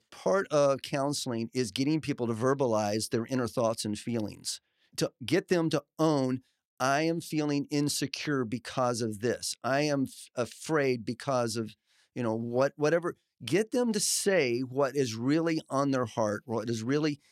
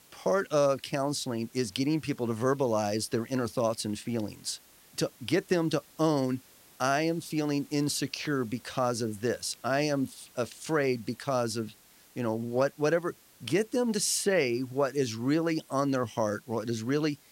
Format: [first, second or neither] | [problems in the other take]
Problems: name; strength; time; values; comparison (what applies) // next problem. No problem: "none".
first | hiss; faint; throughout; 25 dB below the speech